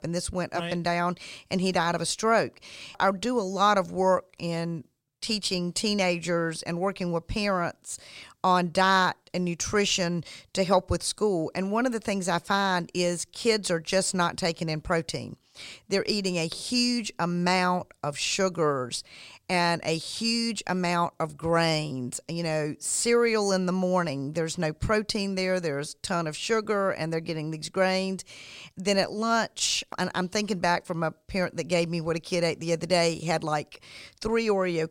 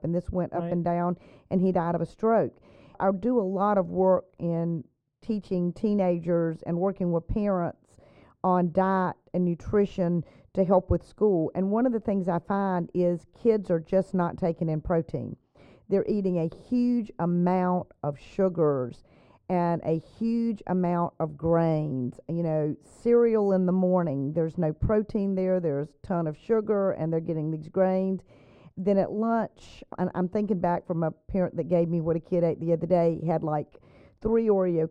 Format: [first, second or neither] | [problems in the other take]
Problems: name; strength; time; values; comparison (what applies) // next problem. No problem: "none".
first | muffled; very; fading above 2 kHz